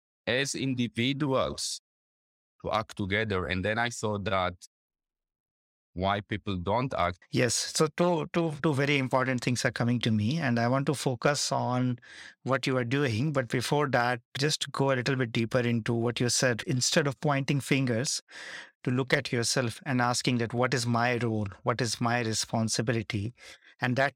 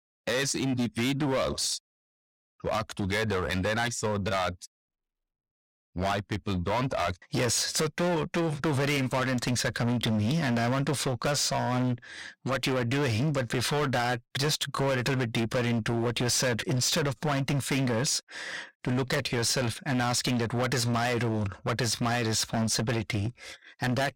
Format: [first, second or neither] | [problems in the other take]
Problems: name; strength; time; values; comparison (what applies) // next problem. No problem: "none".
first | distortion; heavy; 20% of the sound clipped